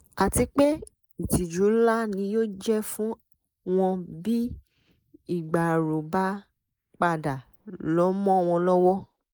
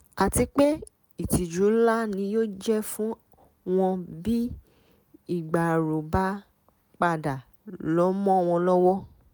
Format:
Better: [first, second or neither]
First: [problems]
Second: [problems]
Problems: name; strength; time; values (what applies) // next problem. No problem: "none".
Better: second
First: noise reduction (neural mask model Resemble Enhance denoiser)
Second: none